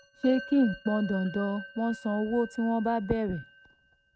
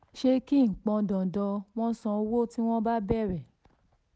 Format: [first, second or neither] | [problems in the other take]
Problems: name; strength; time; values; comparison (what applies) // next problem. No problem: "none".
second | noise reduction (neural mask model RNNoise)